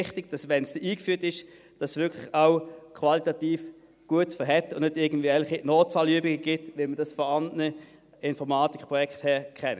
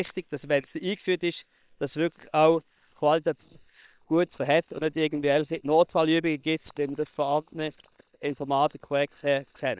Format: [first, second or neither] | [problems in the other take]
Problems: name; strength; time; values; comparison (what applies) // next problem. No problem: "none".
first | noise reduction (neural separator model SepFormer WHAM!)